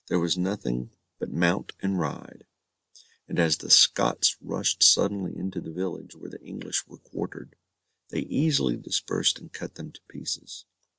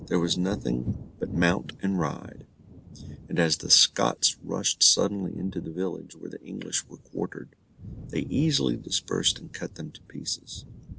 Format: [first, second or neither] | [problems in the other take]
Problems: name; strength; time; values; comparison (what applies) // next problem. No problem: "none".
first | background sound (Thunder / Wind); 13 dB below the speech